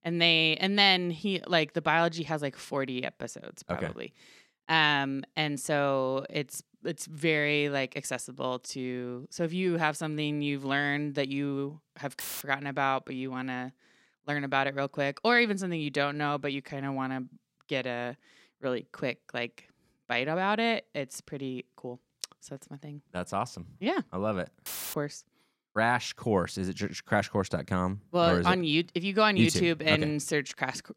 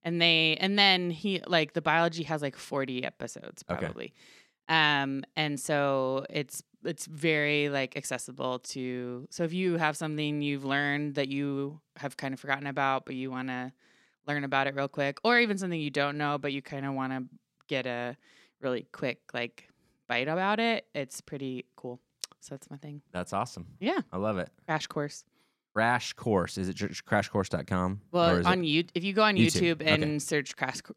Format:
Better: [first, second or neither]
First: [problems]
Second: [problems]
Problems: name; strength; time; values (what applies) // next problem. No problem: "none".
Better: second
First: audio cutting out; filled with static; at 12 s and at 25 s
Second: none